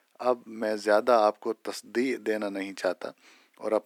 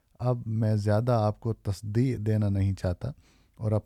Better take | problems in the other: second | thin; very; fading below 300 Hz

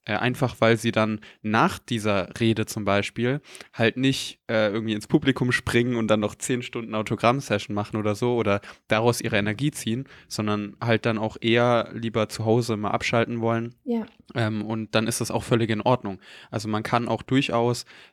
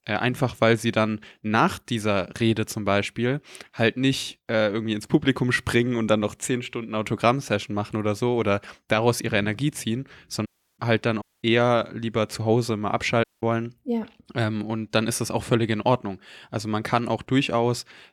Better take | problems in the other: first | audio cutting out; at 10 s, at 11 s and at 13 s

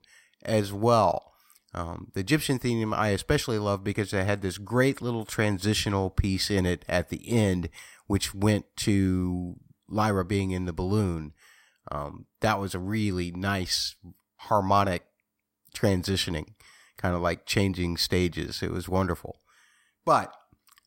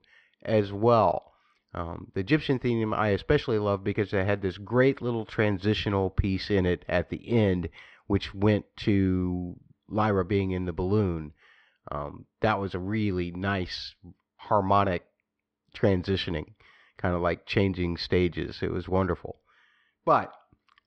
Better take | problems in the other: first | muffled; slightly; fading above 3.5 kHz

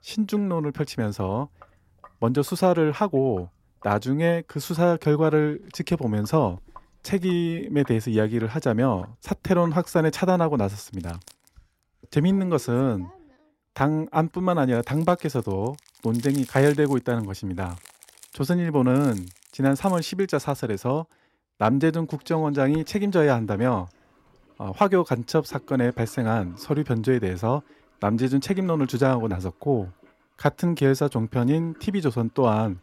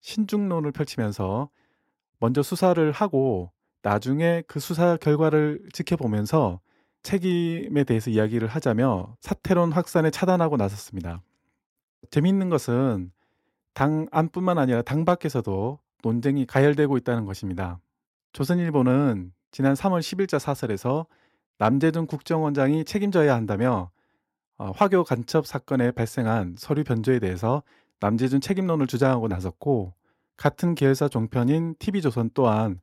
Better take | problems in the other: second | household noises; faint; throughout; 25 dB below the speech

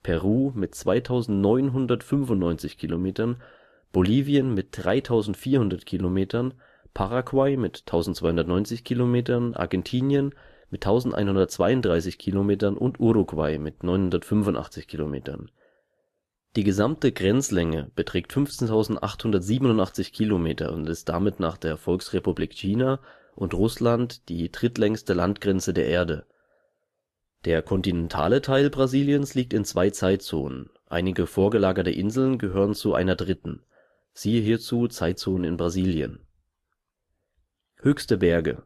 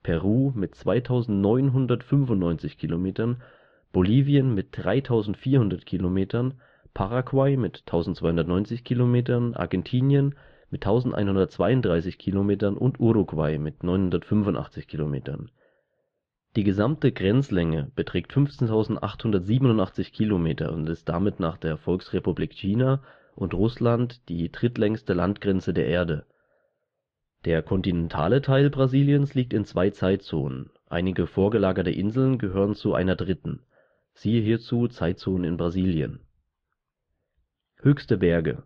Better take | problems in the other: first | muffled; slightly; fading above 3.5 kHz

